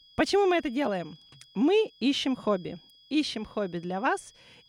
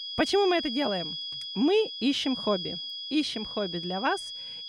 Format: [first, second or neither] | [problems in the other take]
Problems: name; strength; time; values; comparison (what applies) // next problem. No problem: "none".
first | high-pitched whine; loud; throughout; 3.5 kHz, 6 dB below the speech; faint in the first